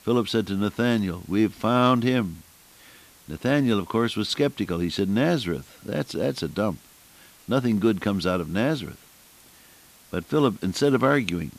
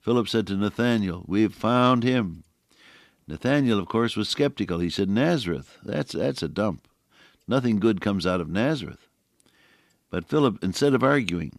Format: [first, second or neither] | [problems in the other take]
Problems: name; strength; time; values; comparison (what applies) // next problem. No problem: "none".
second | hiss; faint; throughout; 25 dB below the speech